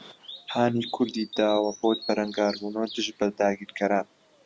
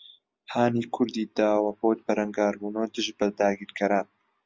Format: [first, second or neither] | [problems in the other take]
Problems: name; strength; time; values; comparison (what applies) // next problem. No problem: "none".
second | background sound (Bird vocalization, bird call, bird song); 16 dB below the speech